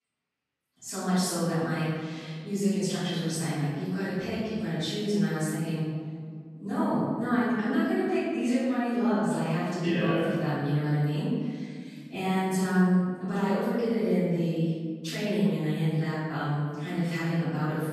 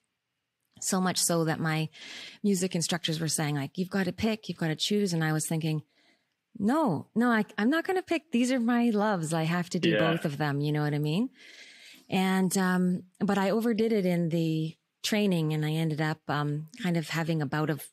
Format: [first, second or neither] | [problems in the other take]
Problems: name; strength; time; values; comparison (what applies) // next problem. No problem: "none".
second | room echo; strong; dies away in 1.8 s // off-mic speech; far